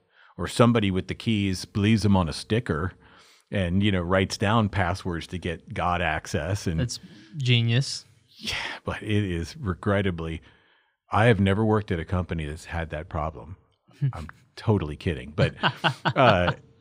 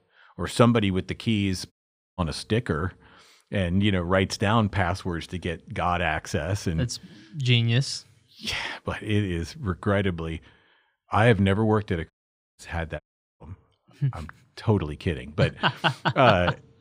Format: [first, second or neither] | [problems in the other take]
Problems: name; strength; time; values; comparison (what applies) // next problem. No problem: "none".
first | audio cutting out; at 1.5 s, at 12 s and at 13 s